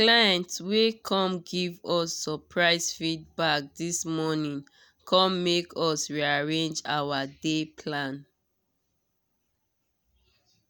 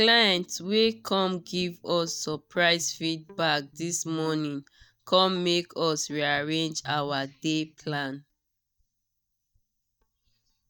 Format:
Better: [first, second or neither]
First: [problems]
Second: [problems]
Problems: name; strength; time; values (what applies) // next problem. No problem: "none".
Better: first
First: none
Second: noise reduction (neural mask model DeepFilterNet 3)